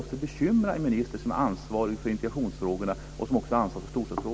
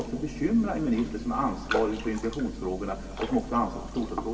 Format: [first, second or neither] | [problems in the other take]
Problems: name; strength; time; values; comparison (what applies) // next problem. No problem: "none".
first | background sound (Raindrop); 12 dB below the speech // room echo; dies away in 2.2 s